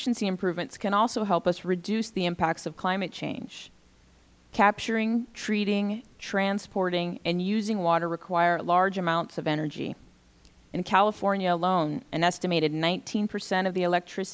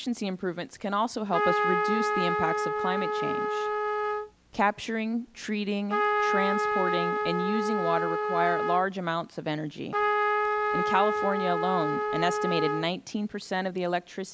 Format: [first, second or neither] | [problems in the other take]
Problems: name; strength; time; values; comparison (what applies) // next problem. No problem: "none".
first | background sound (Trumpet); 2 dB above the speech